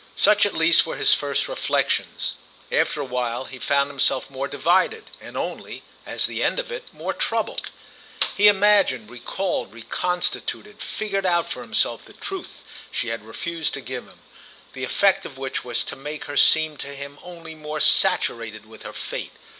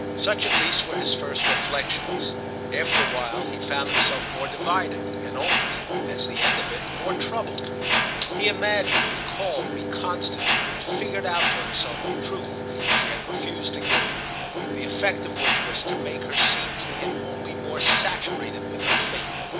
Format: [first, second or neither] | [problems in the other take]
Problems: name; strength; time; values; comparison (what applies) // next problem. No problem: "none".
first | background sound (Mechanisms); 4 dB above the speech